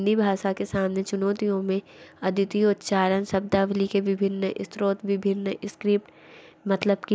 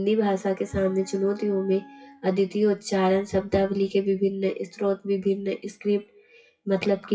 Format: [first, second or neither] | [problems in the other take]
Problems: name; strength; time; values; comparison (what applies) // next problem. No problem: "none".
first | noise reduction (classical method WPE with log-MMSE)